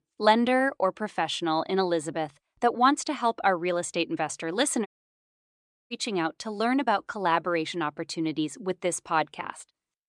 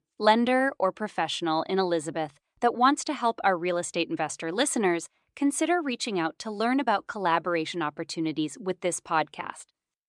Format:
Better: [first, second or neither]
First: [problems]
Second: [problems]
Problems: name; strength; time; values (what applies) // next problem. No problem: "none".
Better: second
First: audio cutting out; at 5 s for 1 s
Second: none